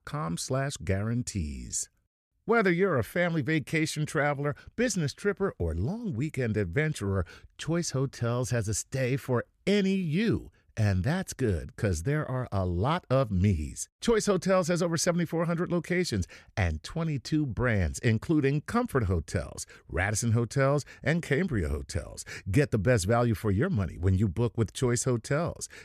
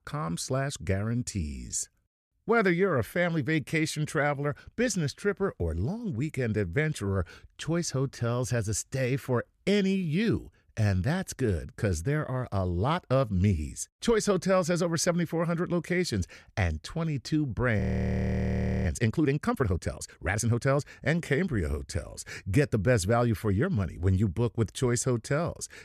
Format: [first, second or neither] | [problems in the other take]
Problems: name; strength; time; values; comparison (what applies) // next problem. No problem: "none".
first | audio freezing; at 18 s for 1 s